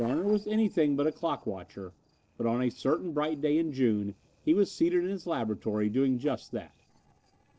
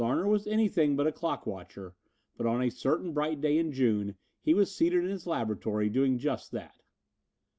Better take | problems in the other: second | noise reduction (neural separator model SepFormer DNS4)

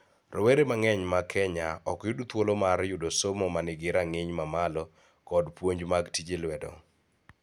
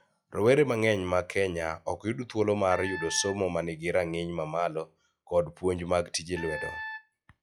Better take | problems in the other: first | noise reduction (classical method log-MMSE)

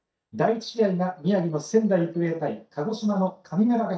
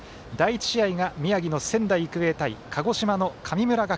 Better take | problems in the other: second | noise reduction (neural mask model DeepFilterNet 3)

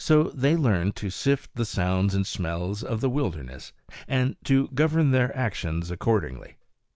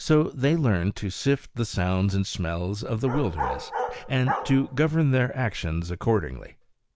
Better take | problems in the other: first | background sound (Bark); 8 dB below the speech

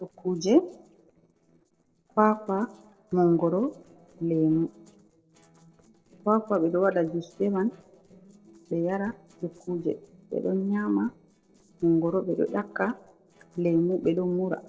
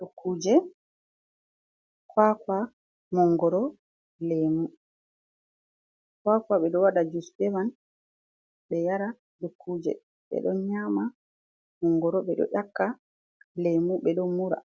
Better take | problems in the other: second | noise reduction (neural separator model SepFormer DNS4)

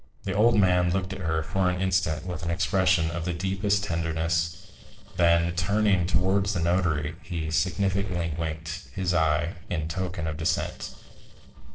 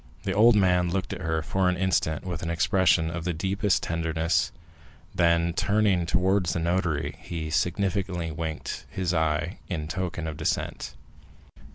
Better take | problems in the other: second | noise reduction (neural separator model SepFormer DNS4)

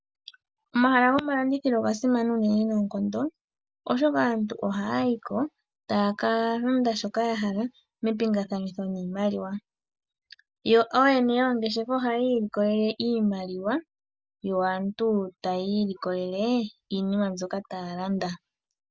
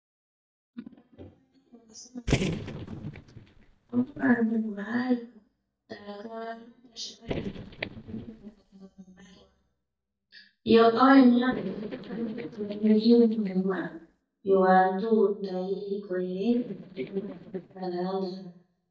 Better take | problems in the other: first | noise reduction (neural mask model DeepFilterNet 3)

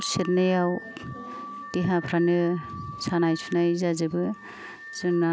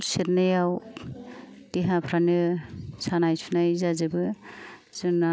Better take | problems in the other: second | background sound (Alarm / Car); 15 dB below the speech

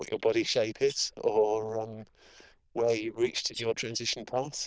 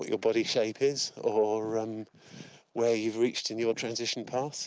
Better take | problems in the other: second | noise reduction (neural diffusion model UNIVERSE++)

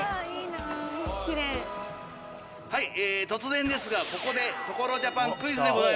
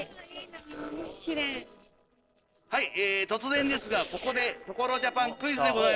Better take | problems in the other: first | noise reduction (neural separator model SepFormer DNS4)

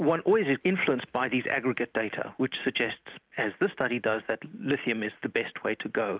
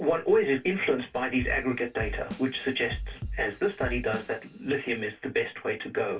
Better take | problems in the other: first | background sound (Drum kit); 9 dB below the speech // room echo; dies away in 0.2 s

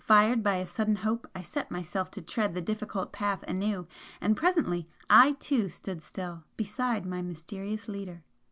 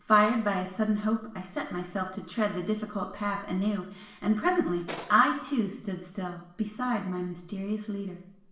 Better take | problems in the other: first | background sound (Tools); 16 dB below the speech // room echo; dies away in 0.7 s

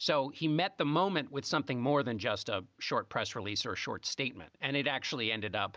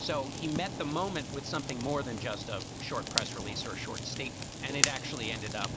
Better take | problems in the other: first | background sound (Fire); as loud as the speech

